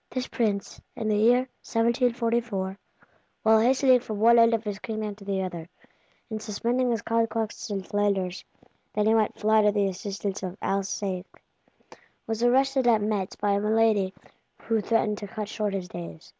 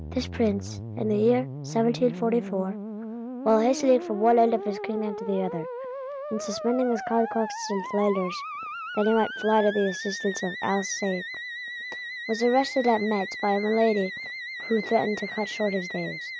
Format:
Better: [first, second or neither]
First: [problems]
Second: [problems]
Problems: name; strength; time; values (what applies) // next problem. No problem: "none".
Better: first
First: none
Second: background sound (Musical instrument); 9 dB below the speech